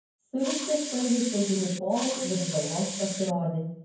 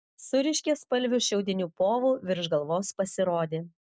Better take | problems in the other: second | background sound (Hiss); 7 dB below the speech // room echo; dies away in 0.9 s

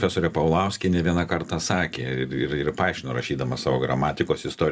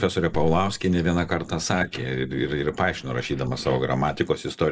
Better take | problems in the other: first | noise reduction (neural mask model Resemble Enhance denoiser)

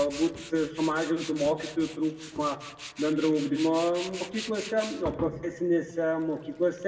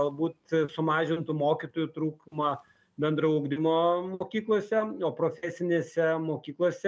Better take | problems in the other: second | background sound (Tools); 14 dB below the speech // room echo; dies away in 1.2 s

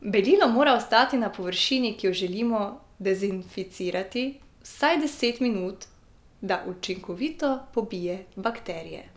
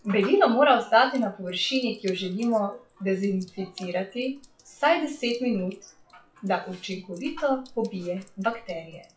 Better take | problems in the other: first | noise reduction (classical method WPE with log-MMSE)

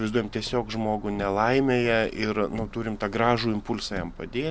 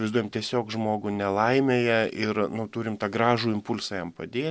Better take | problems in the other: second | background sound (Car); 15 dB below the speech

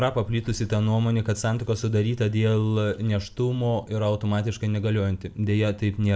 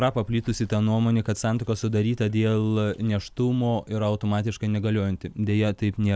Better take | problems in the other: second | room echo; dies away in 0.3 s

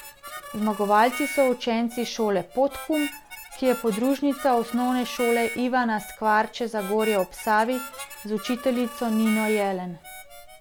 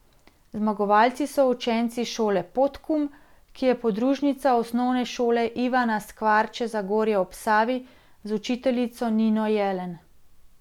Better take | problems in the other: second | background sound (Harmonica); 13 dB below the speech

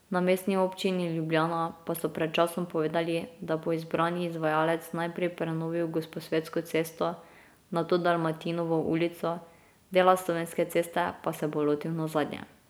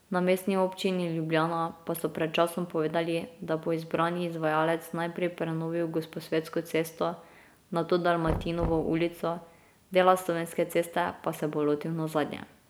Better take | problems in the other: first | background sound (Knock); 11 dB below the speech

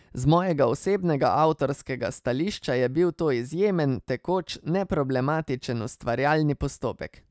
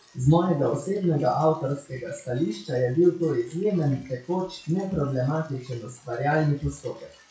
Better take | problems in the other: first | noise reduction (classical method WPE with log-MMSE)

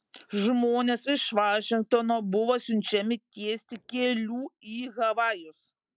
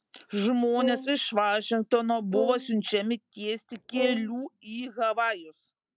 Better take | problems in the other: first | background sound (Brass instrument); 9 dB below the speech

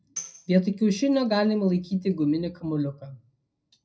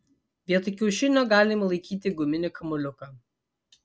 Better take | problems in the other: second | background sound (Tambourine); 18 dB below the speech // room echo; dies away in 0.3 s

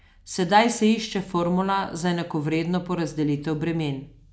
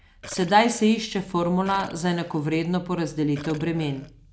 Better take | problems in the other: first | background sound (Burping, eructation); 20 dB below the speech

